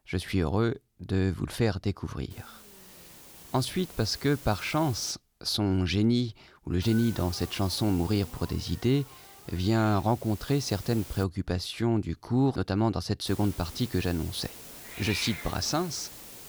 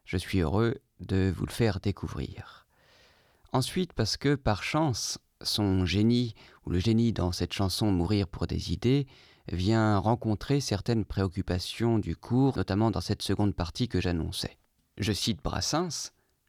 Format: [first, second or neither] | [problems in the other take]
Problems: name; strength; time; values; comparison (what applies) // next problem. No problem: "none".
second | hiss; noticeable; from 2.5 to 5 s, from 7 to 11 s and from 13 s on; 15 dB below the speech